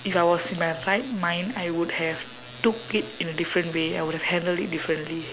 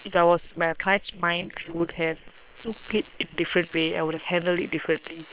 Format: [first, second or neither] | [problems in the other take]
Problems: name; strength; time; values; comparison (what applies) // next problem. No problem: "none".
first | noise reduction (neural separator model SepFormer WHAM!)